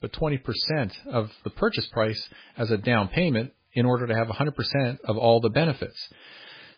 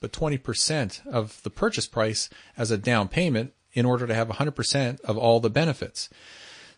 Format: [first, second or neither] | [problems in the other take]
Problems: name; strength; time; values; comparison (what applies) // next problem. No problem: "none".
second | garbled, watery; badly; slightly in the second